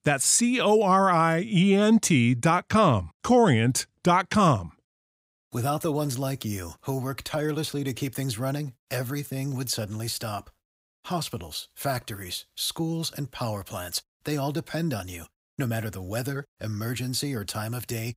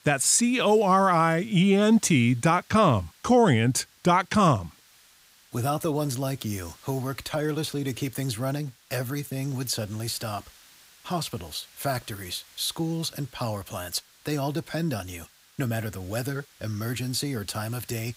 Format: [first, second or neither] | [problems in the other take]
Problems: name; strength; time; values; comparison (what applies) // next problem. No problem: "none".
first | hiss; faint; throughout; 25 dB below the speech